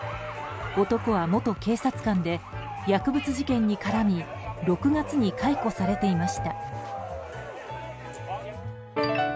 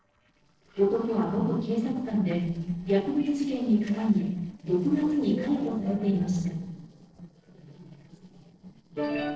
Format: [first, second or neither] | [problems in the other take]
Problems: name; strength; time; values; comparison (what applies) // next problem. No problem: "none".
first | noise reduction (neural separator model SepFormer DNS4)